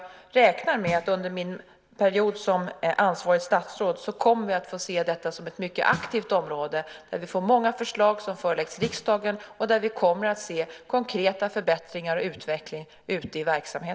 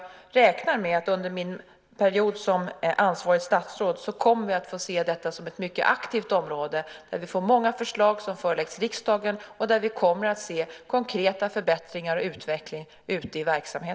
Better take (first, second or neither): second